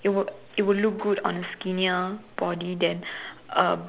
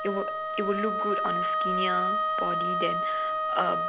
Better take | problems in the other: first | background sound (Wind instrument, woodwind instrument); 4 dB above the speech

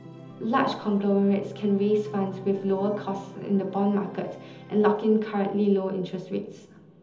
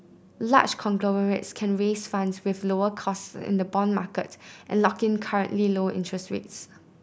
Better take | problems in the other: second | background sound (Organ); 19 dB below the speech // room echo; dies away in 1.2 s

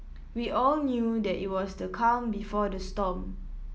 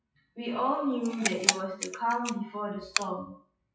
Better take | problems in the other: first | noise reduction (classical method WPE with log-MMSE)

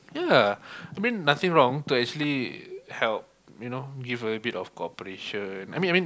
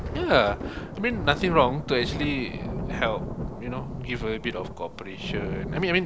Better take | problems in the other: first | background sound (Thunder); 6 dB below the speech

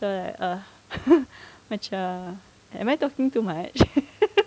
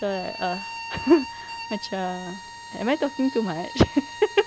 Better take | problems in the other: first | background sound (Bowed string instrument); 12 dB below the speech

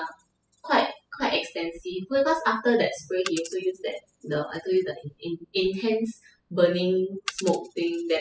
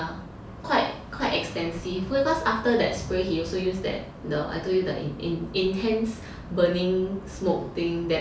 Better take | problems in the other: second | noise reduction (classical method spectral subtraction)

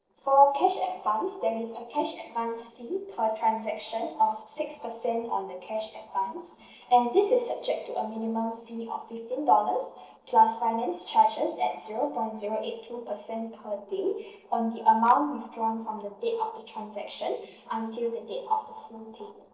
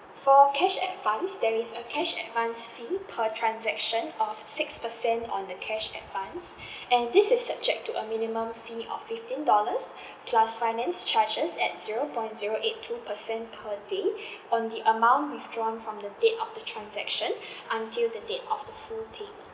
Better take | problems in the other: second | noise reduction (neural separator model SepFormer DNS4)

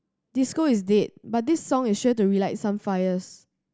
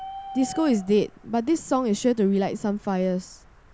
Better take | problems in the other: first | background sound (Bird); 18 dB below the speech

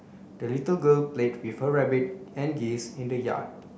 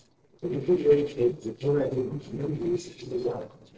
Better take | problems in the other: first | noise reduction (neural separator model SepFormer DNS4)

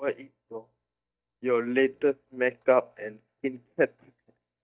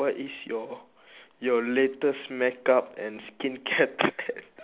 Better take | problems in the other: second | noise reduction (neural mask model DeepFilterNet 3)

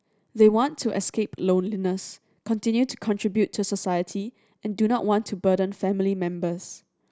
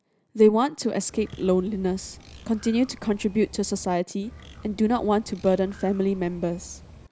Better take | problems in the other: first | background sound (Bird); 20 dB below the speech

